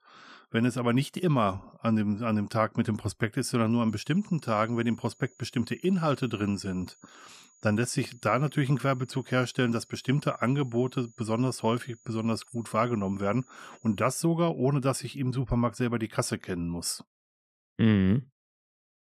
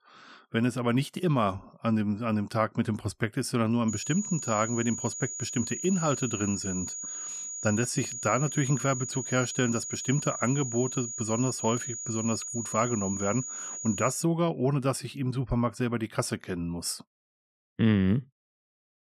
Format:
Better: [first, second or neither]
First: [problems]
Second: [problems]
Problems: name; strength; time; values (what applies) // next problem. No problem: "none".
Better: first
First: high-pitched whine; faint; from 4 to 14 s; 7 kHz, 30 dB below the speech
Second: high-pitched whine; loud; from 4 to 14 s; 7 kHz, 5 dB below the speech